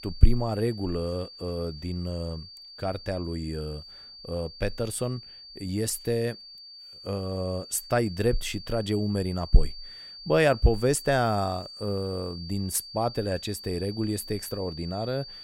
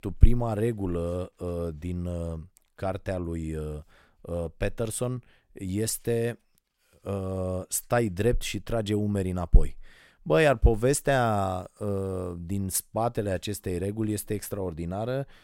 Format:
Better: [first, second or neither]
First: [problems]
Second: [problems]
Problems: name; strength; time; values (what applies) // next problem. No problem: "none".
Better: second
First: high-pitched whine; noticeable; throughout; 4.5 kHz, 15 dB below the speech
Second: none